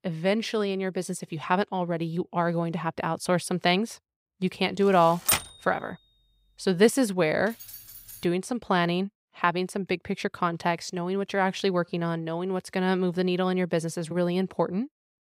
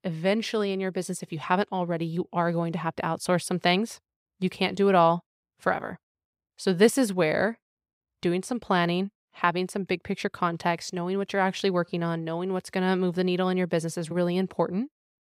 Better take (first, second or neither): second